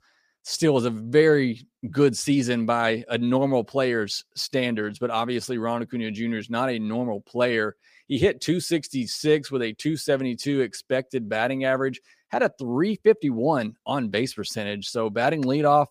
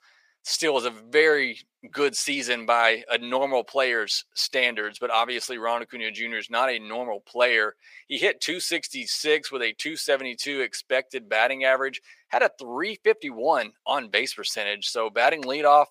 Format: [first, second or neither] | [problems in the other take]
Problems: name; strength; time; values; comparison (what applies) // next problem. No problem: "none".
first | thin; very; fading below 650 Hz